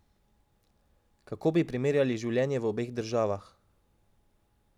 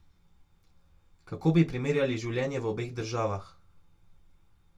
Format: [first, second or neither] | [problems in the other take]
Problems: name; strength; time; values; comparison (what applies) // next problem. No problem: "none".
first | room echo; dies away in 0.1 s